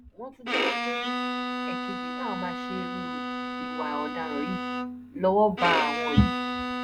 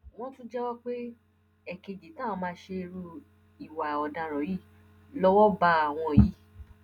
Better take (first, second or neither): second